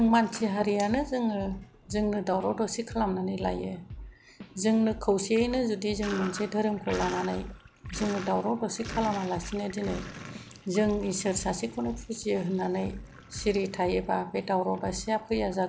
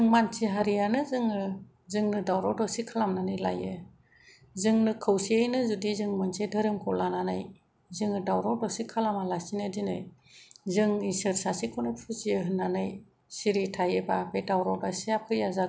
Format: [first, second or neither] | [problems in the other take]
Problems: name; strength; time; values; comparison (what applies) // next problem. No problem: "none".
second | background sound (Drum / Drum kit + Sink (filling or washing)); 14 dB below the speech